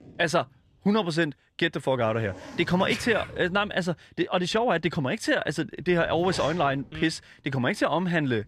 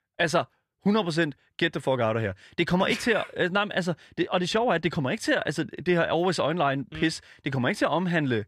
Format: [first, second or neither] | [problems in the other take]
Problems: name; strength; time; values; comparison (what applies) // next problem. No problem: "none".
second | household noises; noticeable; throughout; 15 dB below the speech